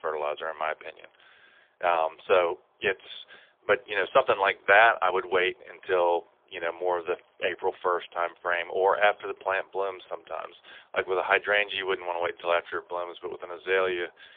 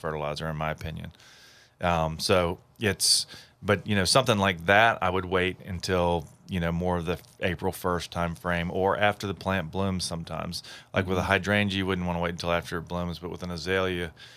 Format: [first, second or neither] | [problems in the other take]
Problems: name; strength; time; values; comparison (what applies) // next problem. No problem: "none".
second | phone-call audio; poor line; nothing above 3.5 kHz